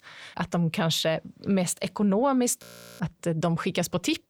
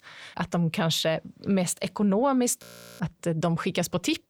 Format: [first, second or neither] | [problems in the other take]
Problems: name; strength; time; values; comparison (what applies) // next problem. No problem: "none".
neither | audio freezing; at 2.5 s; the same in both